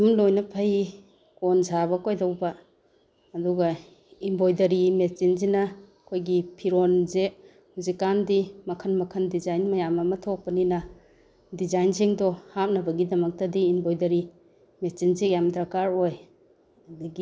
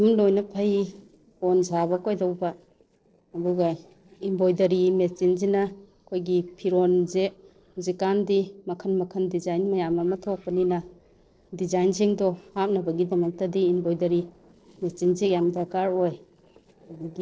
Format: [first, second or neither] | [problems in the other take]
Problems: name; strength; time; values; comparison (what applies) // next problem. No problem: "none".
first | noise reduction (neural separator model SepFormer DNS4)